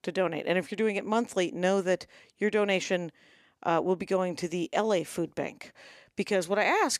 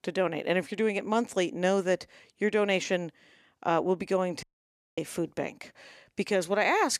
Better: first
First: none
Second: audio cutting out; at 4.5 s for 0.5 s

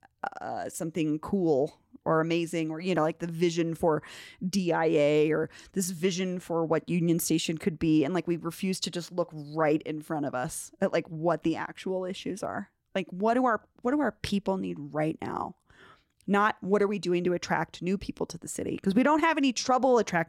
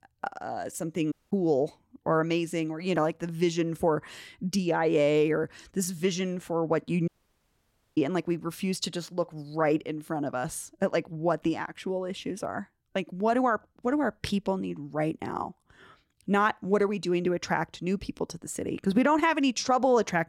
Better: first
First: none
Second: audio cutting out; at 1 s and at 7 s for 1 s

